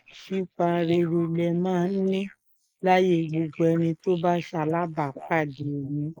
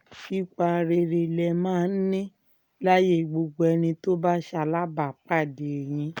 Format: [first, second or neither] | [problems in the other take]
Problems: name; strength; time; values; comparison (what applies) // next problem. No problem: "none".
second | noise reduction (neural mask model Resemble Enhance denoiser)